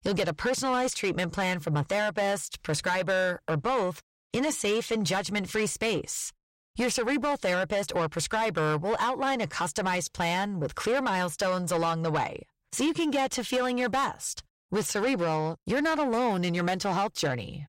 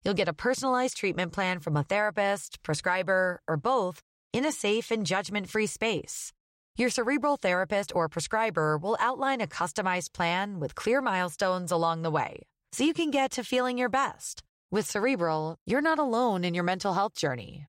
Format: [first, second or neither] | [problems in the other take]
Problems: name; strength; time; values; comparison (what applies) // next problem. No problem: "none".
second | distortion; slight; 10 dB below the speech